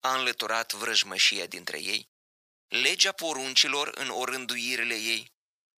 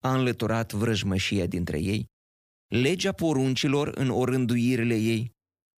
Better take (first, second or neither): second